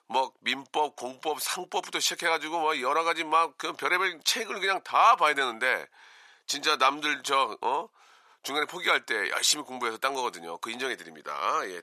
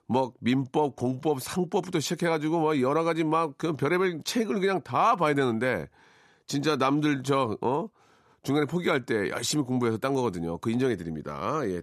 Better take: second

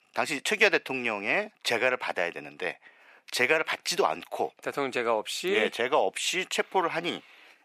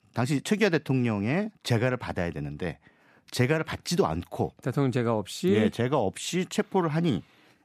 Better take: second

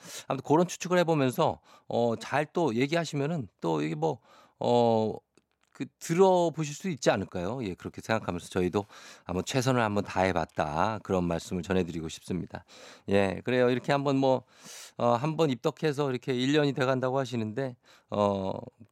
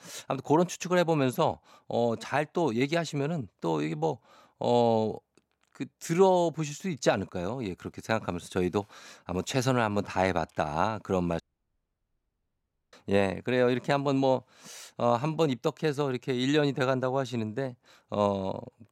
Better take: first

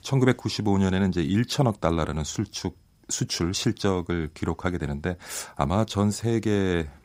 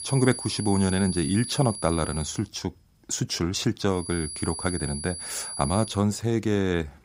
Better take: first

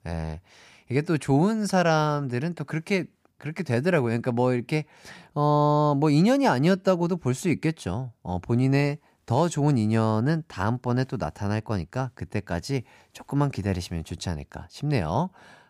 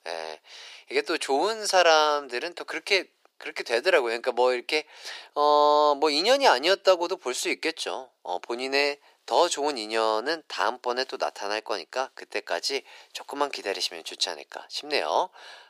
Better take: first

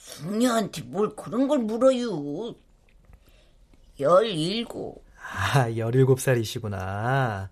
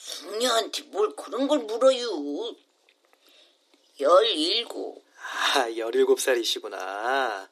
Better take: first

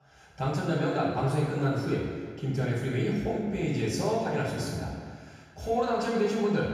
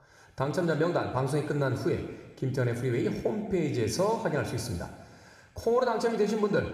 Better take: second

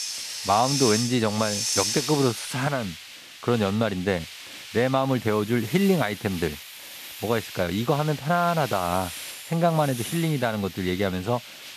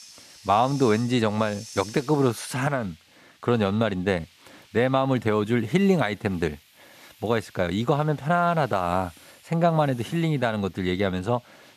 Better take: second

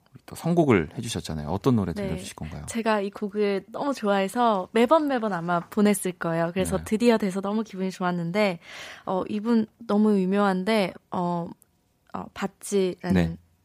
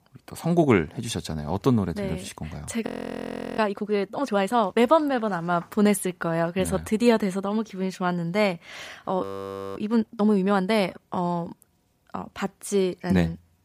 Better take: first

